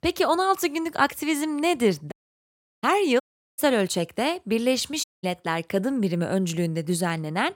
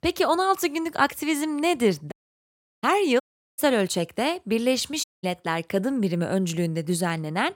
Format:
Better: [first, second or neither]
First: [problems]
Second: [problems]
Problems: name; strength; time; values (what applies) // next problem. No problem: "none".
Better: neither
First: audio cutting out; at 2 s for 0.5 s, at 3 s and at 5 s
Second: audio cutting out; at 2 s for 0.5 s, at 3 s and at 5 s